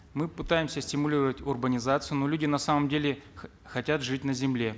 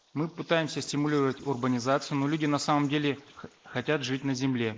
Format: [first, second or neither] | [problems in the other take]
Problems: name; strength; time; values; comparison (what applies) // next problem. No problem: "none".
first | noise reduction (neural mask model Resemble Enhance denoiser)